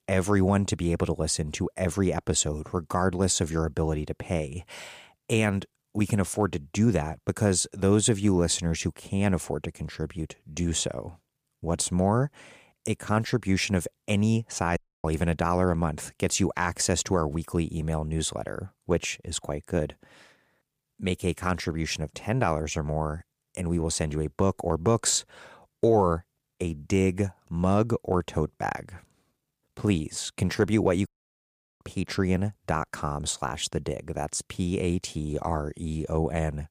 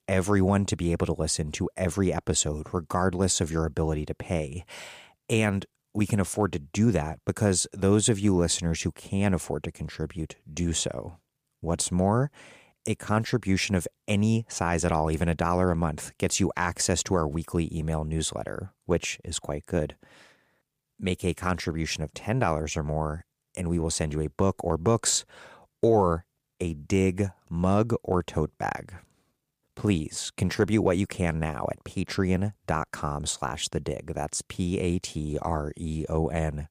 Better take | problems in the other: second | audio cutting out; at 15 s and at 31 s for 0.5 s

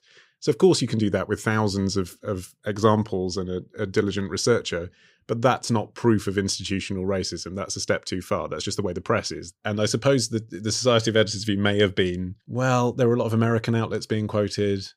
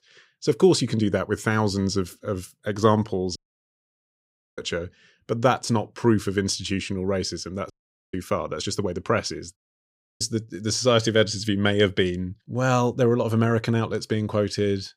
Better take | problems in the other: first | audio cutting out; at 3.5 s for 1 s, at 7.5 s and at 9.5 s for 0.5 s

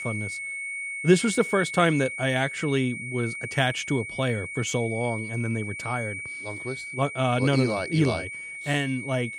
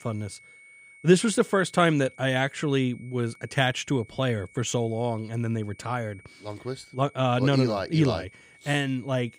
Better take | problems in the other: second | high-pitched whine; loud; throughout; 2 kHz, 7 dB below the speech; faint in the second

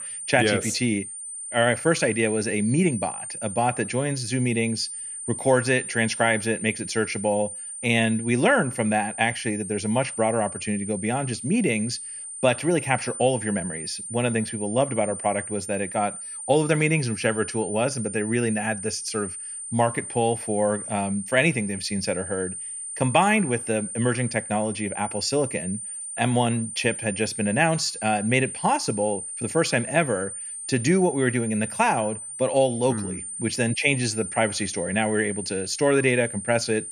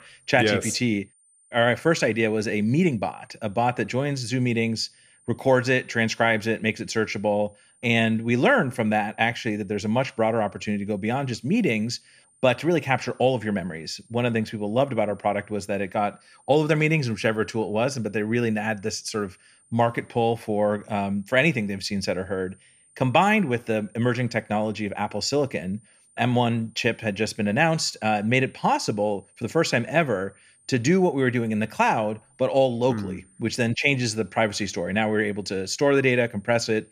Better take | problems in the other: second | high-pitched whine; loud; throughout; 9 kHz, 8 dB below the speech; faint in the second

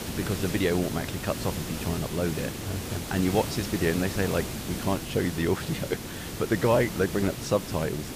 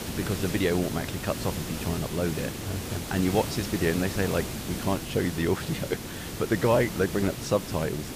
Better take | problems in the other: neither | hiss; loud; throughout; 6 dB below the speech; the same in both

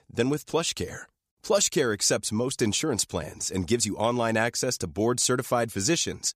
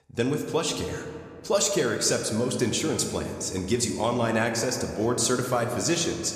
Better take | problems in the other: first | room echo; slight; dies away in 1.9 s

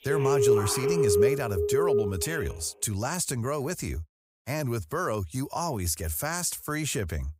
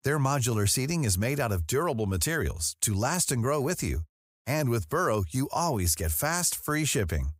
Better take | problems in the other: second | alarms or sirens; very faint; until 2 s; 4 dB above the speech

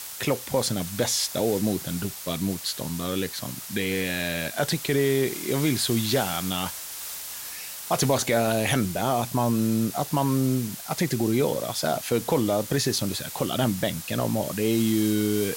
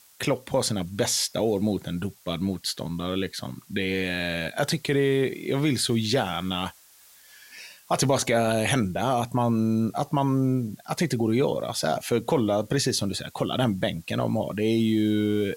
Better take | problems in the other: second | hiss; loud; throughout; 9 dB below the speech; faint in the second

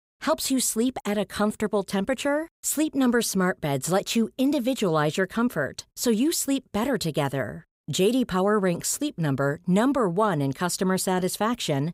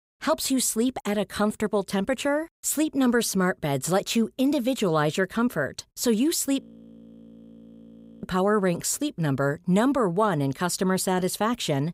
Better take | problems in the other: first | audio freezing; at 6.5 s for 1.5 s

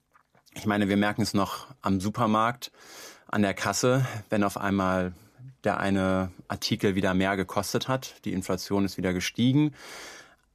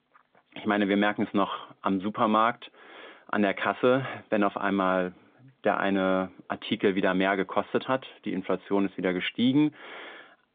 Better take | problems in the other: first | phone-call audio

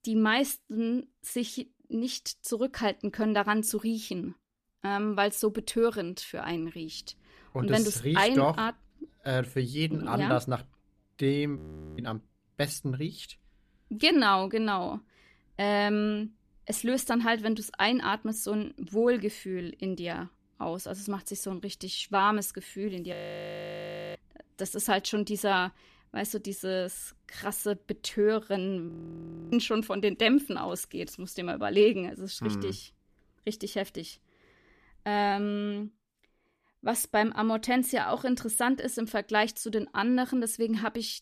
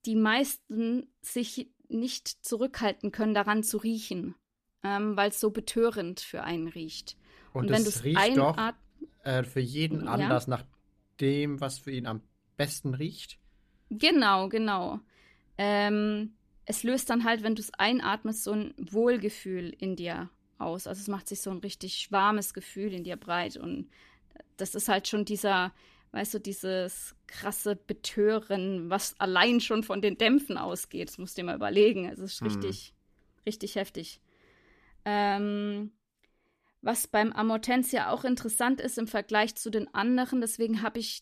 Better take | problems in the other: second | audio freezing; at 12 s, at 23 s for 1 s and at 29 s for 0.5 s

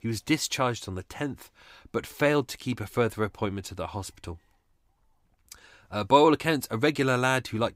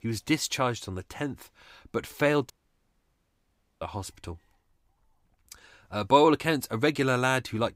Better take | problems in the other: first | audio cutting out; at 2.5 s for 1.5 s

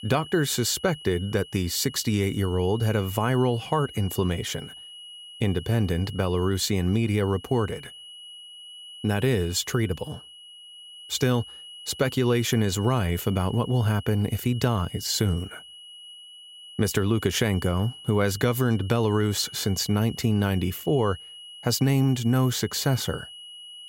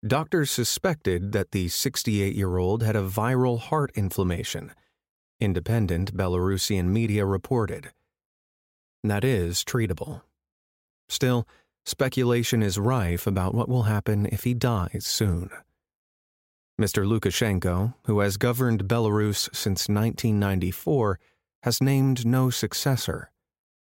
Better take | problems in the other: second | high-pitched whine; noticeable; throughout; 3 kHz, 15 dB below the speech

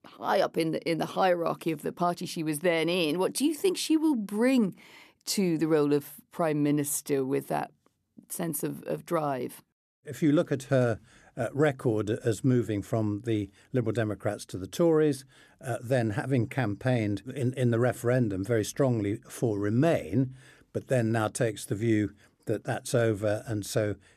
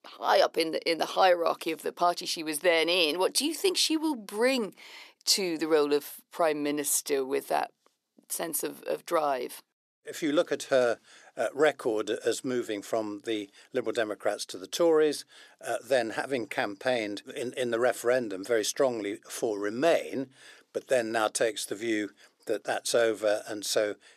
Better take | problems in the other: first | thin; somewhat; fading below 500 Hz

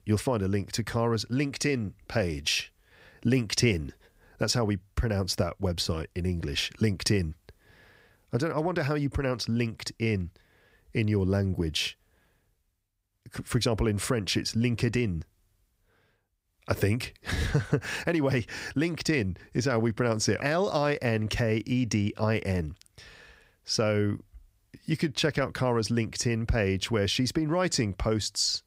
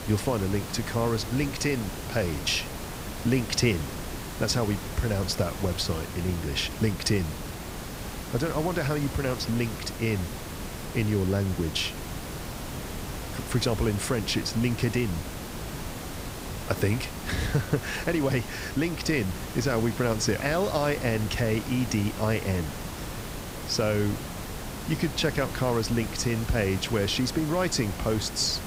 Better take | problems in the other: first | hiss; loud; throughout; 8 dB below the speech

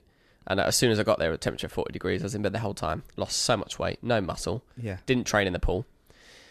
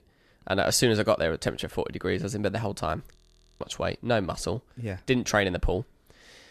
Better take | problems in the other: first | audio freezing; at 3 s

